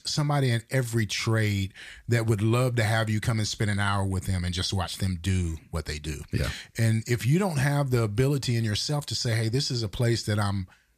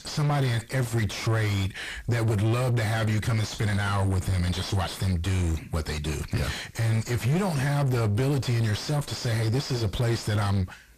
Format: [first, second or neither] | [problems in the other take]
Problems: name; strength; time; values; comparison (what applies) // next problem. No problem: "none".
first | distortion; heavy; 5 dB below the speech